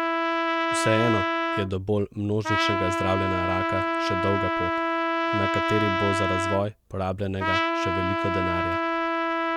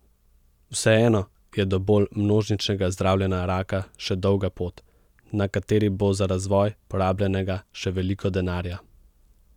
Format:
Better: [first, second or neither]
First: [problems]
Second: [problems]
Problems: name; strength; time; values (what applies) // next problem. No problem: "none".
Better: second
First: background sound (Trumpet); 3 dB above the speech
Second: none